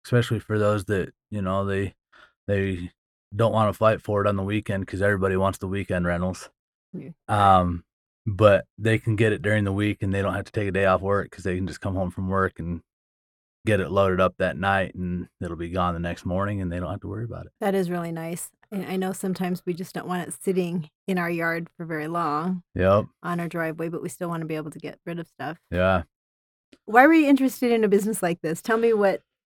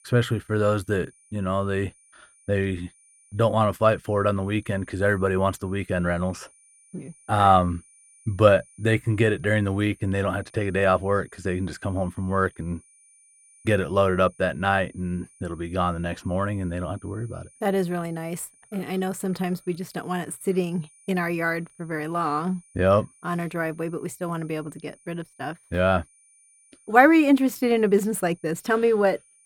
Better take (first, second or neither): first